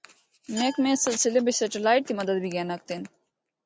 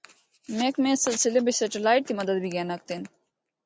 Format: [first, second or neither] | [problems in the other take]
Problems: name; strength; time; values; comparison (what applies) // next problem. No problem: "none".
second | background sound (Glass); 19 dB below the speech